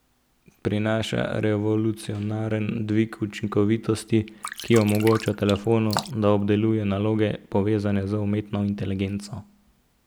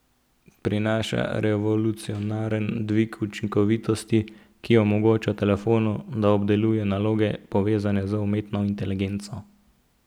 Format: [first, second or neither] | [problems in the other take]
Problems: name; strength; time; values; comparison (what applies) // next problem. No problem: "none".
second | background sound (Drip); 11 dB below the speech